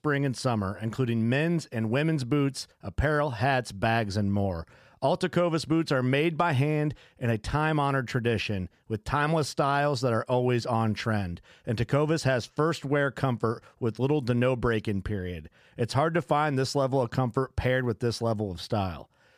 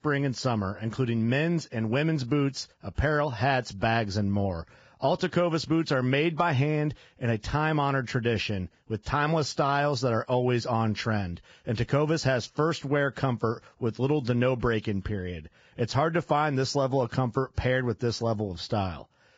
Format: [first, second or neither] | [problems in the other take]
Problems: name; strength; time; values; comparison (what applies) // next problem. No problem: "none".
first | garbled, watery; badly; nothing above 7.5 kHz